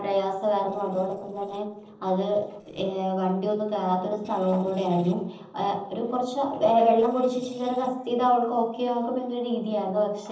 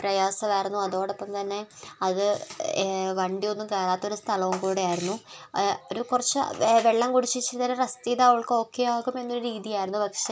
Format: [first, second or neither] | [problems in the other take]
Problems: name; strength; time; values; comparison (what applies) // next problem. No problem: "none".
second | noise reduction (neural separator model SepFormer DNS4)